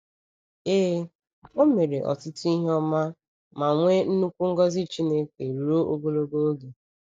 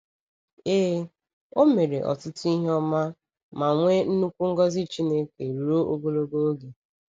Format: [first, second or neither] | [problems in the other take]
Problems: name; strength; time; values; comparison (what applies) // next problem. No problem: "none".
second | noise reduction (neural mask model DeepFilterNet 3)